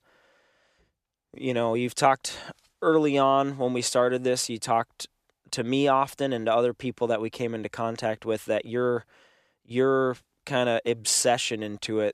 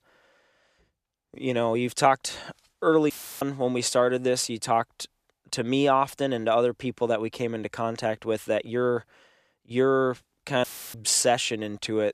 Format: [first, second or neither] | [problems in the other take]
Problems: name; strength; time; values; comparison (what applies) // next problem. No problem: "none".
first | audio cutting out; filled with static; at 3 s and at 11 s